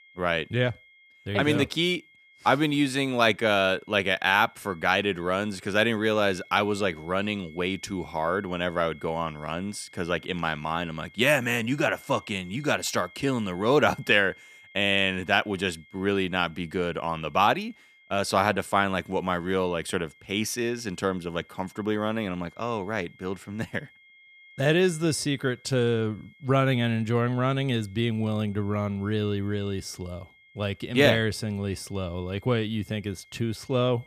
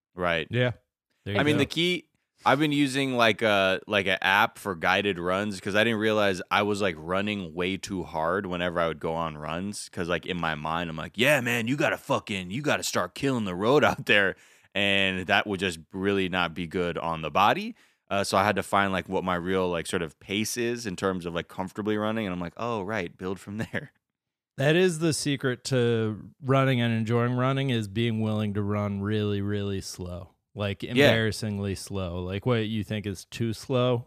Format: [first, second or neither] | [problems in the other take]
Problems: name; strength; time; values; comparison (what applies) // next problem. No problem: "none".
second | high-pitched whine; faint; throughout; 2 kHz, 25 dB below the speech